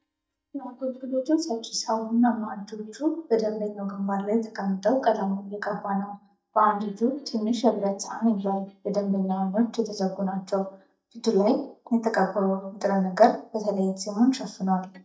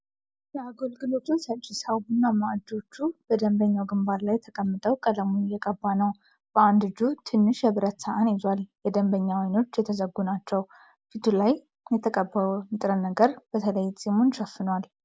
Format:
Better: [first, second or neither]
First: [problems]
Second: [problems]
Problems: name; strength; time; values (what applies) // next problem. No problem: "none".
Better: second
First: noise reduction (neural mask model DeepFilterNet 3)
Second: none